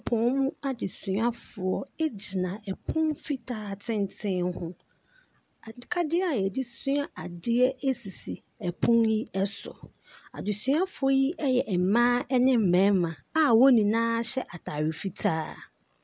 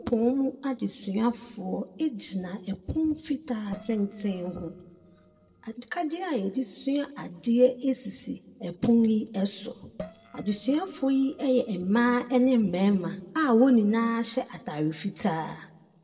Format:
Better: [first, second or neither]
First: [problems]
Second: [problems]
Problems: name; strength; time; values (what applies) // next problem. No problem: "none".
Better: first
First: none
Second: noise reduction (neural separator model SepFormer DNS4)